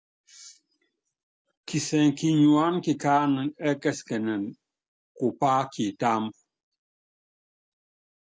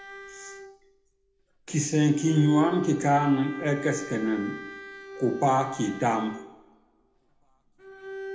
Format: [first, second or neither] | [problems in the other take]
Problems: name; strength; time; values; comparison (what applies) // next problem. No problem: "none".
first | background sound (Bowed string instrument); 13 dB below the speech // room echo; dies away in 0.8 s